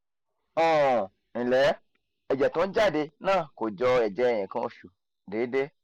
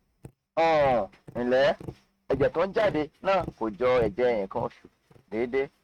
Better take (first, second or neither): first